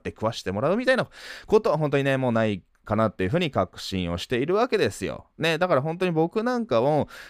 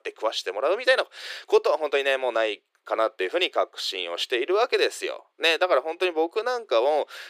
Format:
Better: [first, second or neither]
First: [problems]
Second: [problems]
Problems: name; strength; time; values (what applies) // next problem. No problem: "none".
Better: first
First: none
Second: thin; very; fading below 350 Hz